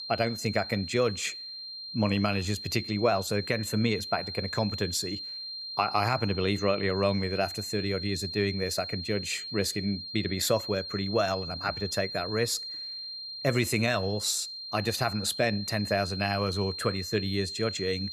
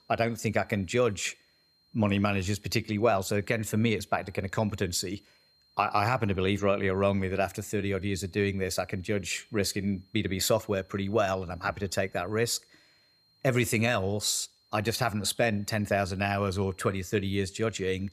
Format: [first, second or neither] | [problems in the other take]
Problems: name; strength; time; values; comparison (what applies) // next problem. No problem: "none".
second | high-pitched whine; loud; throughout; 4 kHz, 7 dB below the speech; faint in the second